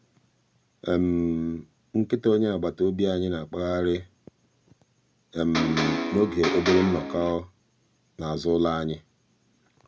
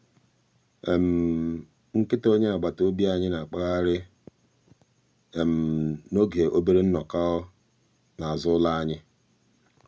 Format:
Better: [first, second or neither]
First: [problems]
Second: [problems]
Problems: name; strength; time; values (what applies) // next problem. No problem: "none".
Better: second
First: background sound (Electric guitar); 1 dB below the speech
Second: none